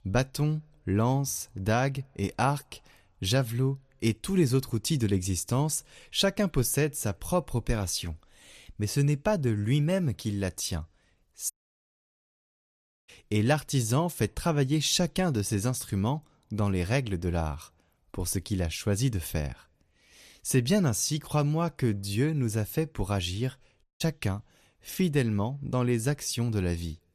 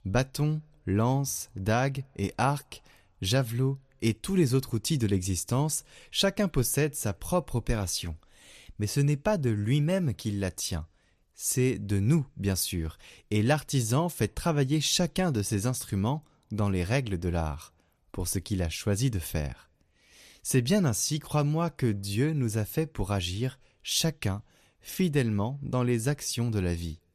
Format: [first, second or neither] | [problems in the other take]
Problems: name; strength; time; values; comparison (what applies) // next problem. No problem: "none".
second | audio cutting out; at 12 s for 1.5 s and at 24 s